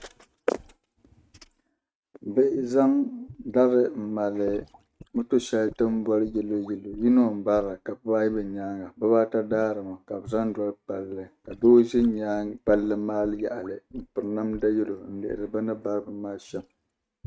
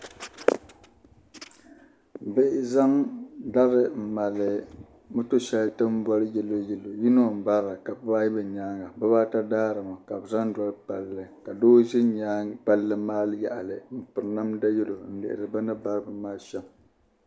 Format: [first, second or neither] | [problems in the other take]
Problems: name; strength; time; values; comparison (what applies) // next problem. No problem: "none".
second | noise reduction (neural mask model RNNoise)